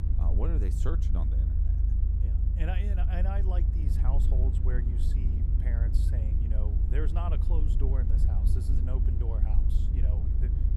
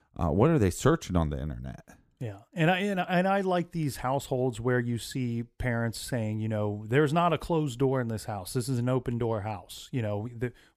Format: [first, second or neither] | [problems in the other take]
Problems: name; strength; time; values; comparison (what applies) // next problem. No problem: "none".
second | low rumble; loud; throughout; 2 dB below the speech